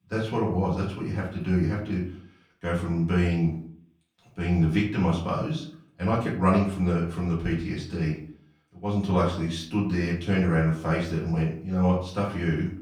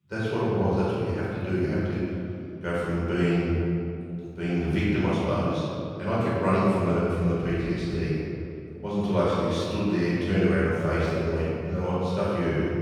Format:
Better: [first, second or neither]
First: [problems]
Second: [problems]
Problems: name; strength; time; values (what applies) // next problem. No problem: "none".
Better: first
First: room echo; slight; dies away in 0.4 s // off-mic speech; far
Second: room echo; strong; dies away in 2.3 s // off-mic speech; far